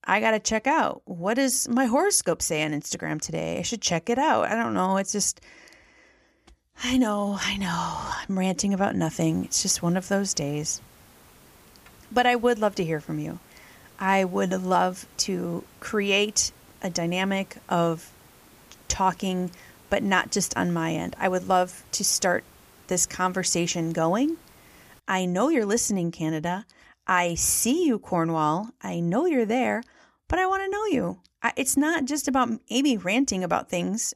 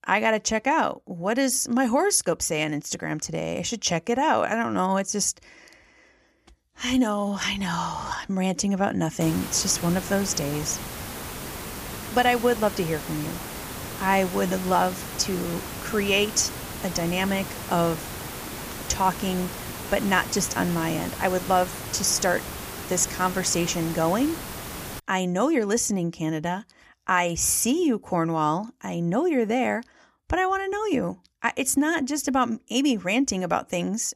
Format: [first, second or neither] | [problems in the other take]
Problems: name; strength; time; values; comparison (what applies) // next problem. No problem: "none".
first | hiss; loud; from 9 to 25 s; 9 dB below the speech; faint in the first